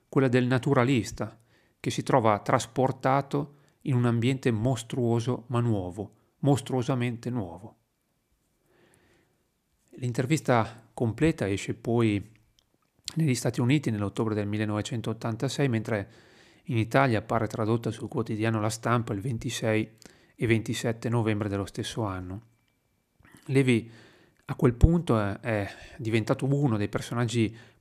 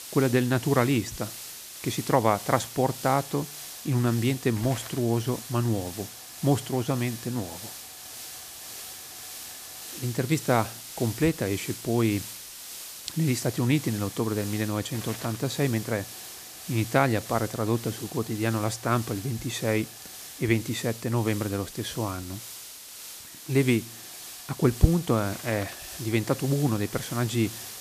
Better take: first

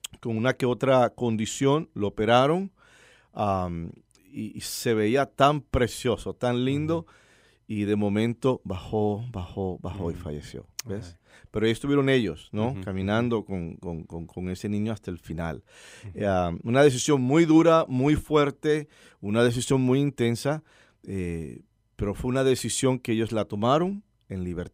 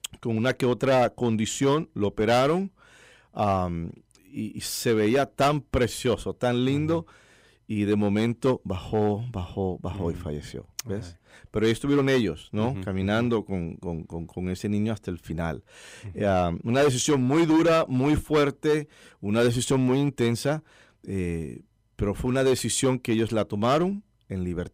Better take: first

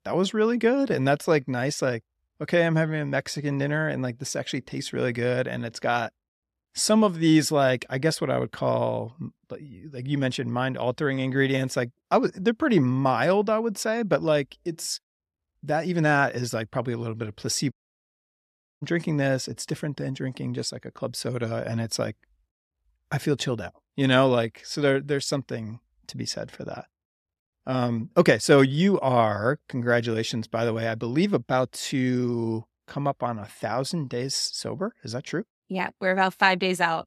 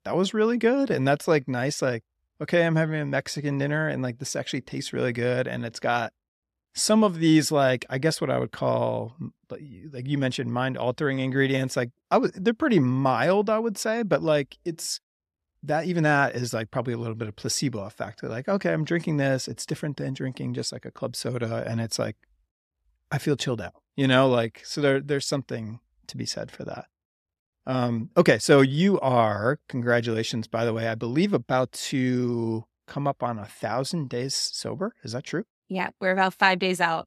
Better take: second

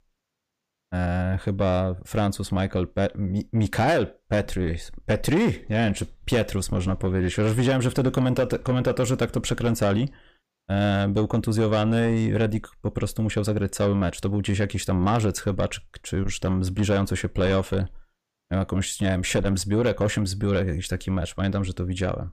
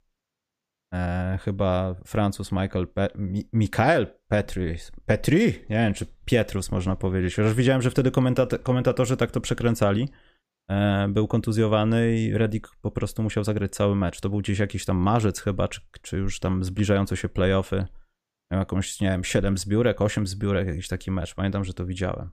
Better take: second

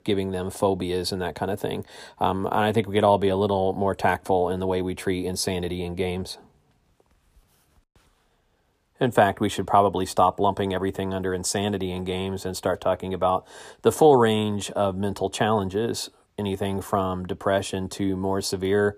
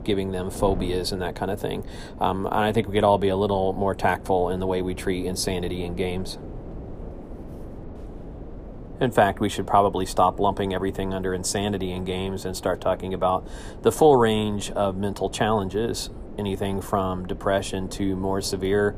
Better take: first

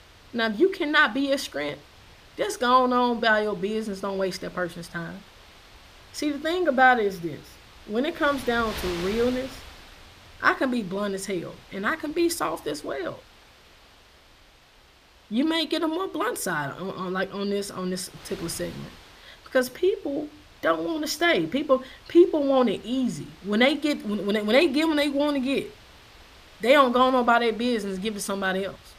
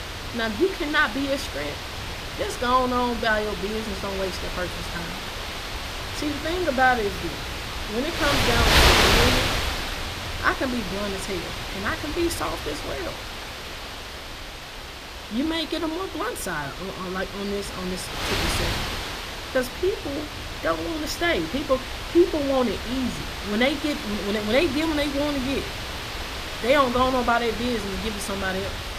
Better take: first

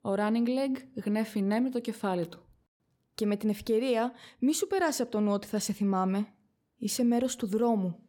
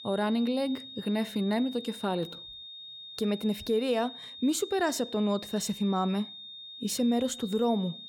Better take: first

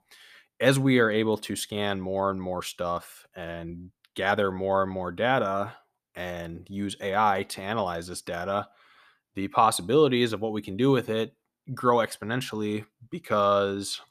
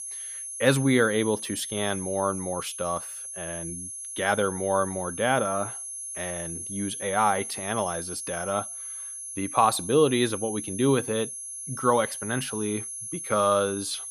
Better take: first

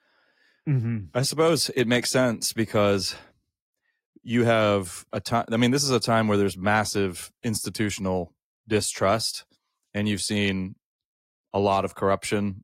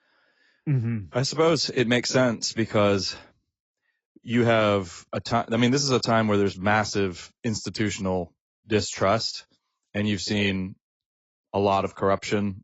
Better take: first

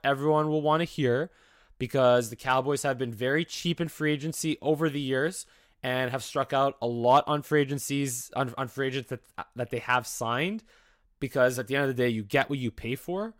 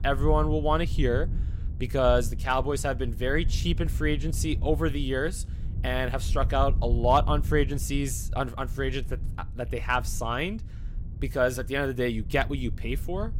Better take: first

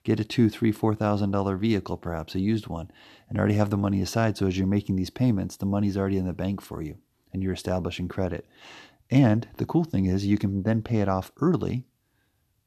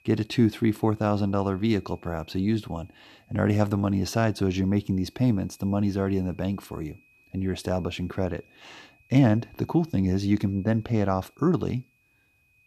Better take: first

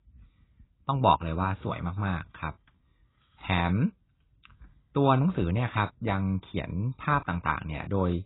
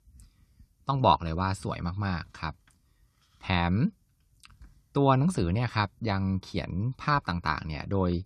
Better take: second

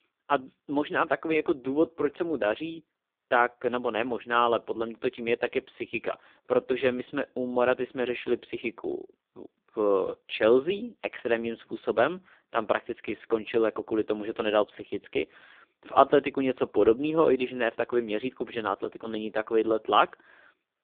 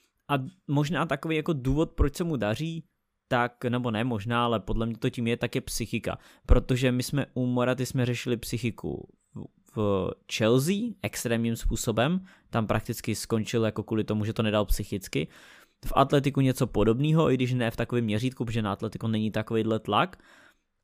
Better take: second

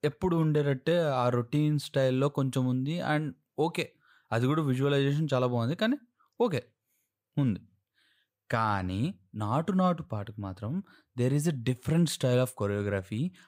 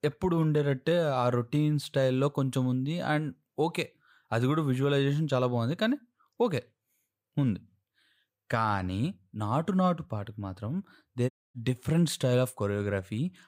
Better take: first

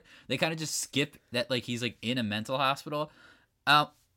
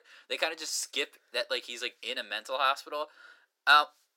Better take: first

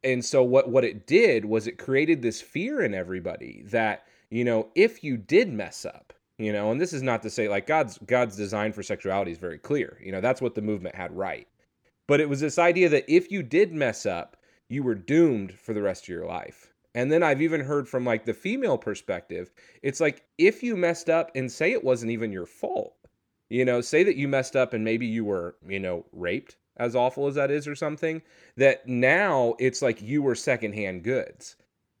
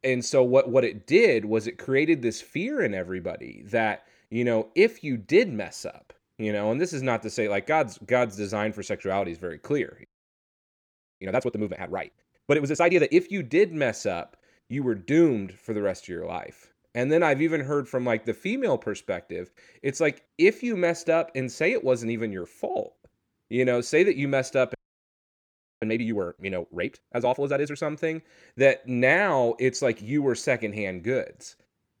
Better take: first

